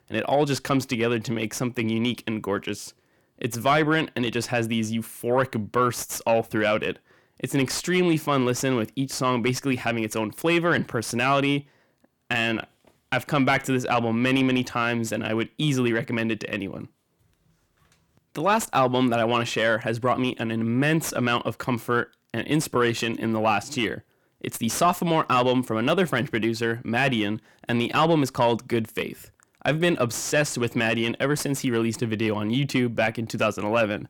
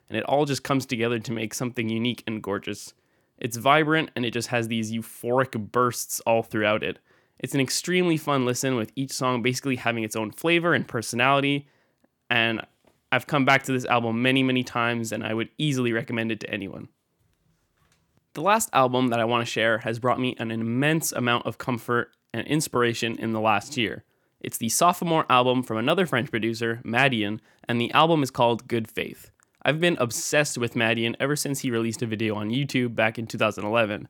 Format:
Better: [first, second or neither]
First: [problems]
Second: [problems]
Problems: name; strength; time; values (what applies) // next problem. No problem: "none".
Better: second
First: distortion; slight; 10 dB below the speech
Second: none